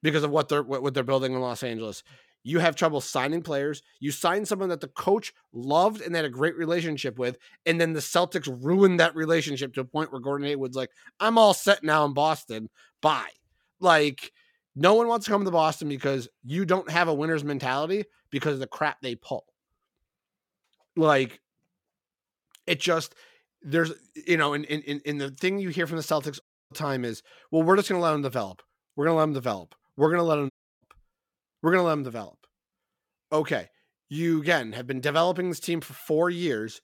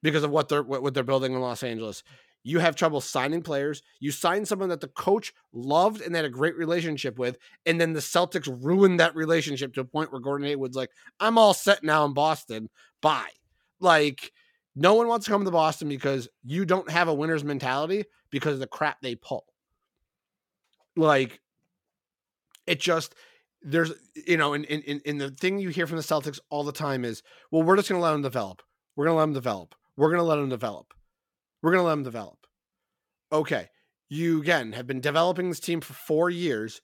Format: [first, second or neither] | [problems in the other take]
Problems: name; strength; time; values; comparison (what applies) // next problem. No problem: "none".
second | audio cutting out; at 26 s and at 31 s